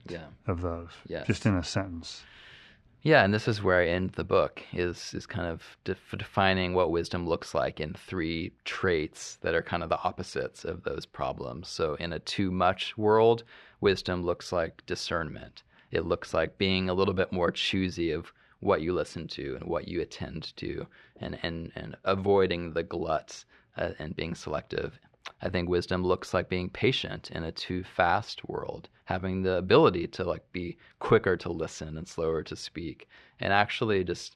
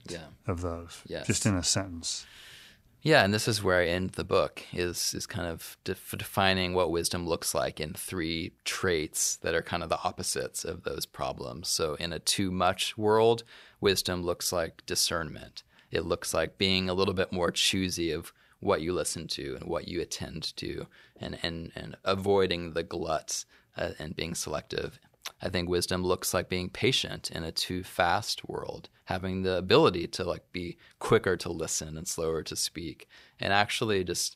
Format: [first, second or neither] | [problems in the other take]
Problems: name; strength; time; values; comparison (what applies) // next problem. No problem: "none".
second | muffled; slightly; fading above 3 kHz